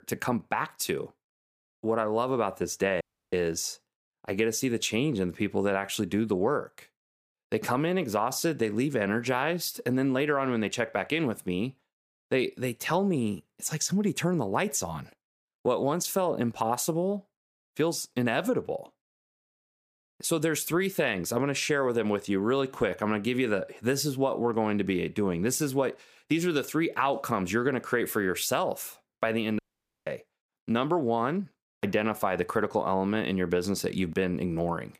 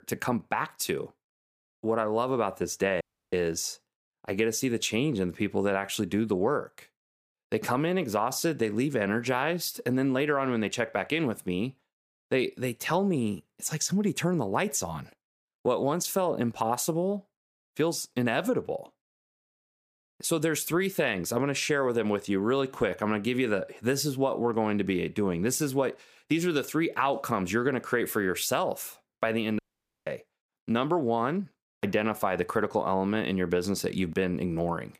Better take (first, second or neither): neither